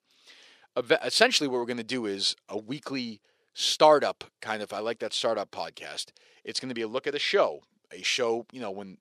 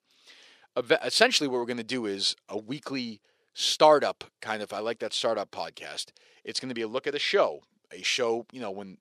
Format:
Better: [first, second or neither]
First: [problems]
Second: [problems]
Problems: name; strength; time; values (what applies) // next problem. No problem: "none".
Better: neither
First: thin; somewhat; fading below 400 Hz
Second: thin; somewhat; fading below 400 Hz